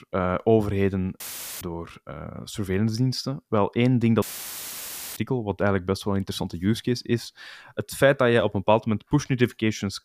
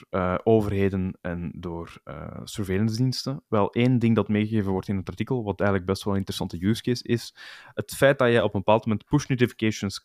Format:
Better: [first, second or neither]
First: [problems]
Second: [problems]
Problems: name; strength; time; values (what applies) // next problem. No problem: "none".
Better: second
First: audio cutting out; filled with static; at 1 s and at 4 s for 1 s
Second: none